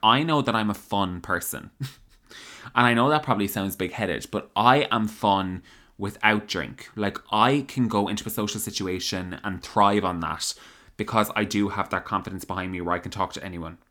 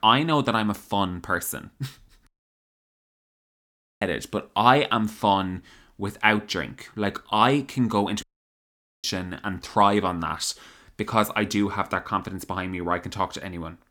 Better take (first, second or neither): first